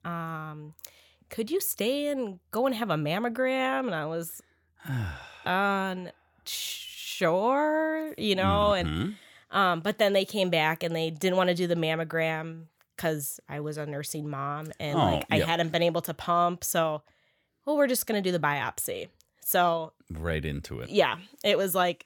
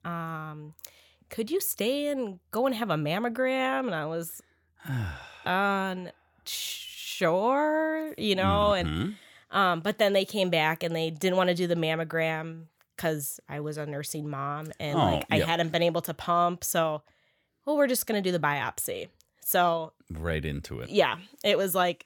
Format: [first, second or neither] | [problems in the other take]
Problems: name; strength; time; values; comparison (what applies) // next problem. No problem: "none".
neither | none